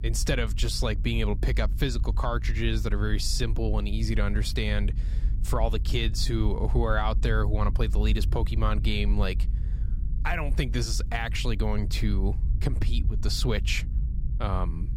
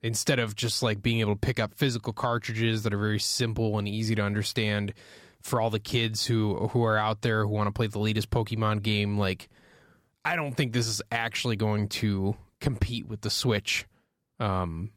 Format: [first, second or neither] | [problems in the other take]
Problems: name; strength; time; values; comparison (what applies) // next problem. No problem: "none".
second | low rumble; noticeable; throughout; 15 dB below the speech